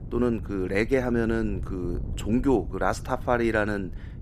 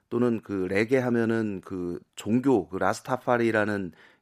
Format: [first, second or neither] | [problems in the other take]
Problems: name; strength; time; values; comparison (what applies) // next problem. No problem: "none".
second | wind noise on the microphone; occasional gusts; 20 dB below the speech